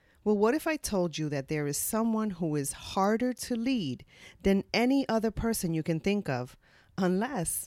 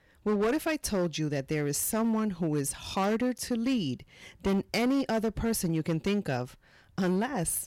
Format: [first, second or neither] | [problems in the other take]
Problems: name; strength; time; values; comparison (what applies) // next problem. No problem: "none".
first | distortion; slight; 10% of the sound clipped